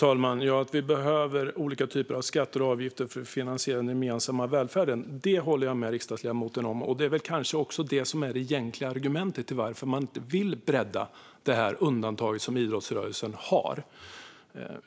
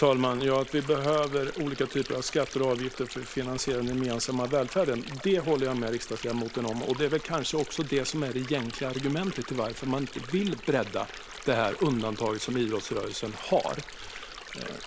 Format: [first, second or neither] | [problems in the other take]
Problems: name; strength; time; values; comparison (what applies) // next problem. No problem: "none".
first | background sound (Stream); 13 dB below the speech